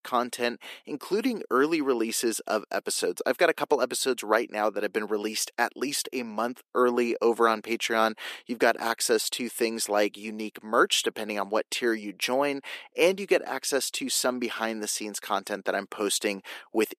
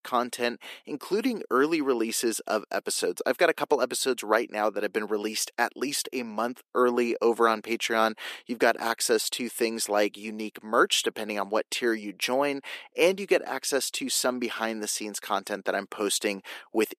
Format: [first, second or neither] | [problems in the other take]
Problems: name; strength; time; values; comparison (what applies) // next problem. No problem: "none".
neither | thin; somewhat; fading below 300 Hz; the same in both